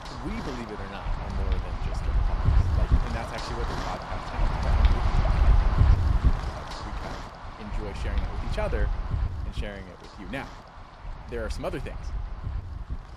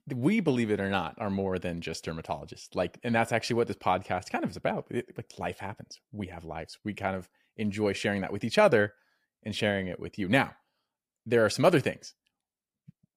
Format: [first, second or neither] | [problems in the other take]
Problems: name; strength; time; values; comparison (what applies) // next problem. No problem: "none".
second | wind noise on the microphone; heavy; 3 dB above the speech